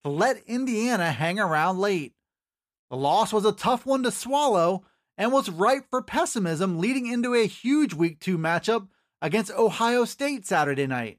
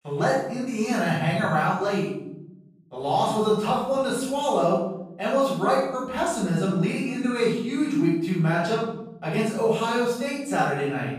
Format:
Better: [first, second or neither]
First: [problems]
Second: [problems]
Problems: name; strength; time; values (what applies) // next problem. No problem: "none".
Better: first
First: none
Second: off-mic speech; far // room echo; strong; dies away in 1 s